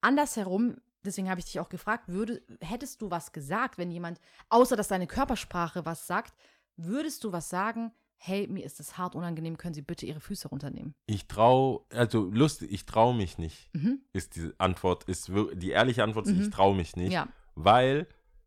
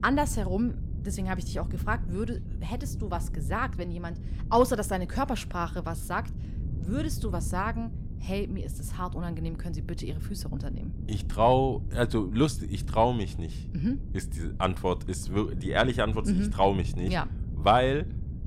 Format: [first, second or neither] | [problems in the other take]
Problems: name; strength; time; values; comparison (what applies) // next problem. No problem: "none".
first | wind noise on the microphone; occasional gusts; 20 dB below the speech